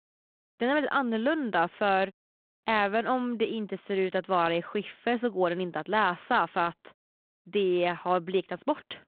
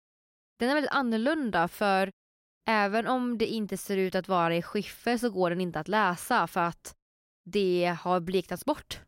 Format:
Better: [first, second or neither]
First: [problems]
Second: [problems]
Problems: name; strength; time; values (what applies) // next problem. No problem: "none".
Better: second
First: phone-call audio; nothing above 4 kHz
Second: none